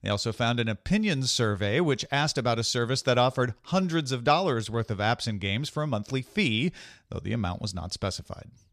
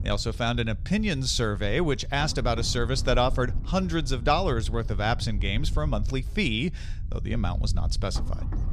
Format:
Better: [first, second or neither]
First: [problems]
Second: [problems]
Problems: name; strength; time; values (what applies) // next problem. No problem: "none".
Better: first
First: none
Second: low rumble; faint; throughout; 20 dB below the speech